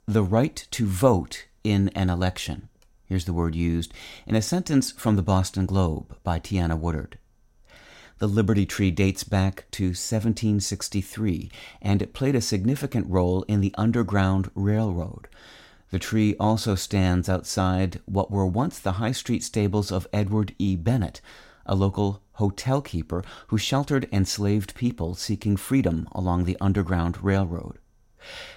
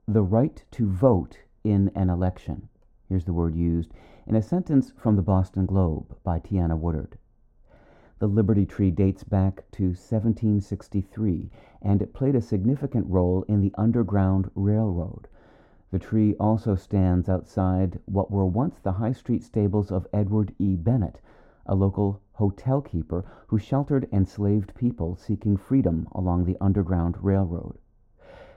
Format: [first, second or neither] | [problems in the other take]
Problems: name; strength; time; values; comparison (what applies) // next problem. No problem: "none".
first | muffled; very; fading above 1.5 kHz